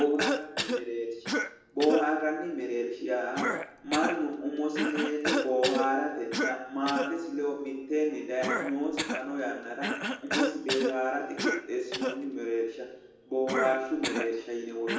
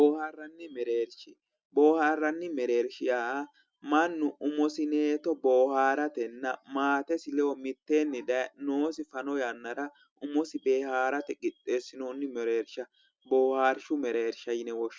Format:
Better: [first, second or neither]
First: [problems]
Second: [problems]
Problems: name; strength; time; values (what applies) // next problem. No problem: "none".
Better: second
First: background sound (Cough); 4 dB below the speech // room echo; dies away in 0.8 s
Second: none